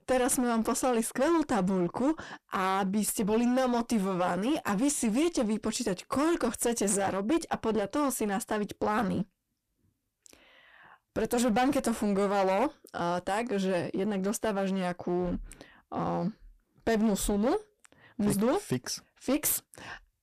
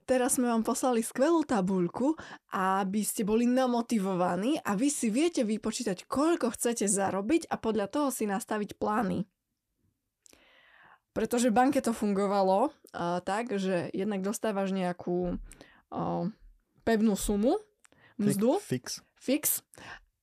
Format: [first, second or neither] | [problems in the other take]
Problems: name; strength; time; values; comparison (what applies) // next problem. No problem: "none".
second | distortion; slight; 12% of the sound clipped